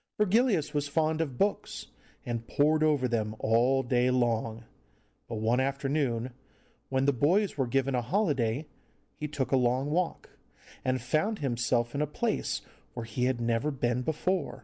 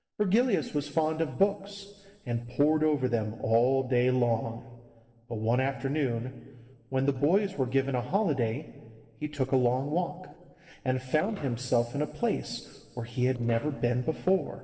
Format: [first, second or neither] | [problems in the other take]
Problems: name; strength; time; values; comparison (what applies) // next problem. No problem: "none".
first | noise reduction (neural separator model SepFormer DNS4)